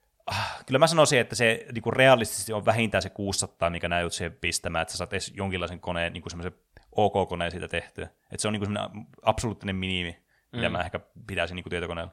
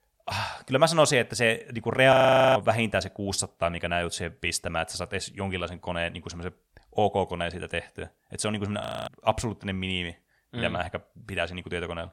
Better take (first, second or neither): first